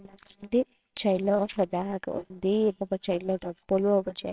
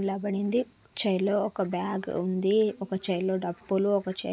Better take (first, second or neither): second